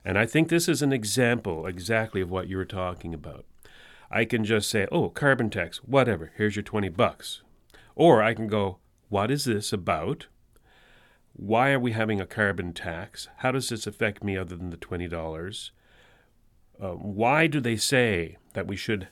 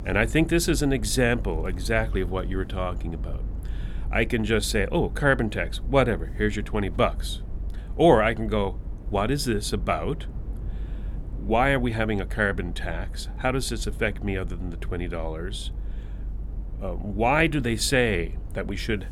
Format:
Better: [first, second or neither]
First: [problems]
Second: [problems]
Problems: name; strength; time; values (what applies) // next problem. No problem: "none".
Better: first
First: none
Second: low rumble; faint; throughout; 25 dB below the speech